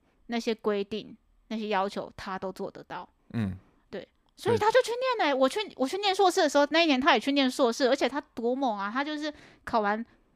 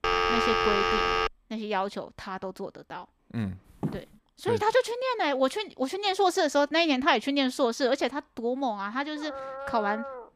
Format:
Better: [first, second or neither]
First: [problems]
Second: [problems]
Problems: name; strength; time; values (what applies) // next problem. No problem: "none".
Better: first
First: none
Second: phone ringing; loud; until 1.5 s; peak 4 dB above the speech // footsteps; noticeable; at 4 s; peak 8 dB below the speech // dog barking; noticeable; from 9 s on; peak 9 dB below the speech